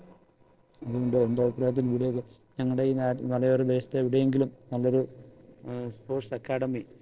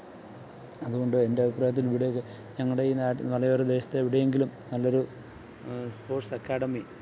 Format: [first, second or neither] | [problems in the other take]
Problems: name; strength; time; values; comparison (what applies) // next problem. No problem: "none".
second | noise reduction (neural separator model SepFormer DNS4)